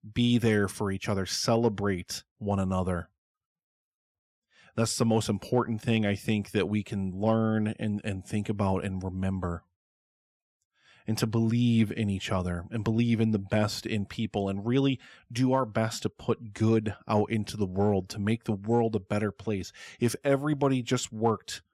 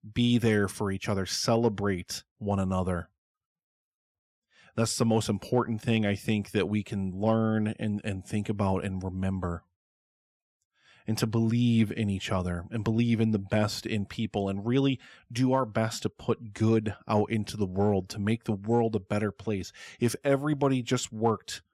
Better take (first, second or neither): neither